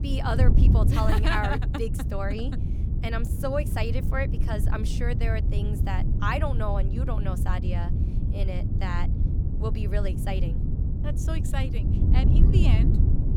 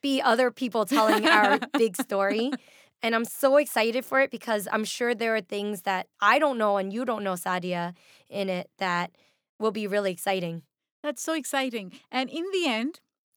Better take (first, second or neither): second